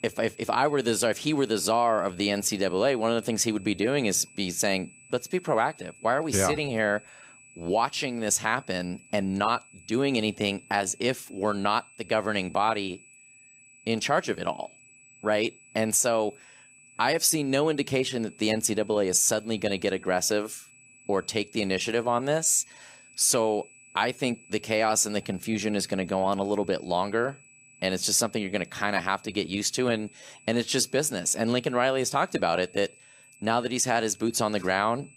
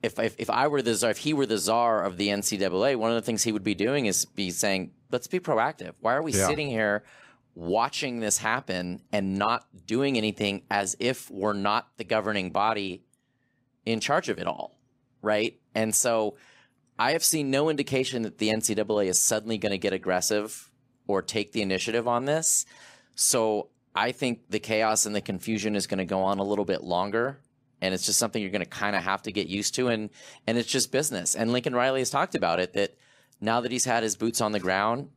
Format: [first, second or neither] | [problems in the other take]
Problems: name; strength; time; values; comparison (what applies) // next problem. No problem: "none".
second | high-pitched whine; faint; throughout; 2.5 kHz, 25 dB below the speech